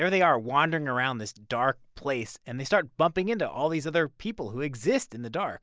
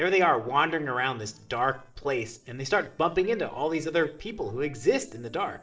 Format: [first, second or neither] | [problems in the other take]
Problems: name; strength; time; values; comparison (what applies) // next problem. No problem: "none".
first | noise reduction (neural separator model SepFormer DNS4)